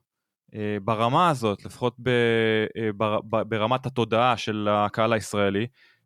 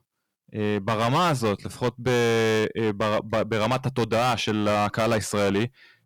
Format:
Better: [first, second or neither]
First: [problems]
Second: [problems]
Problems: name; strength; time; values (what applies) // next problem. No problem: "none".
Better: first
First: none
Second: distortion; heavy; 18% of the sound clipped